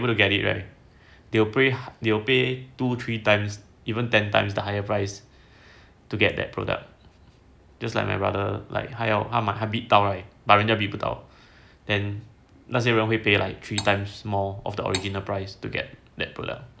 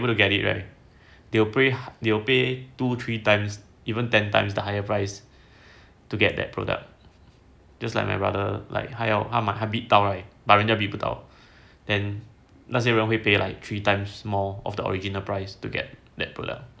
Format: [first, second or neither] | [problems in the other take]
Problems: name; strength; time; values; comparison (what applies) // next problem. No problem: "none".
second | background sound (Cutlery, silverware); 10 dB below the speech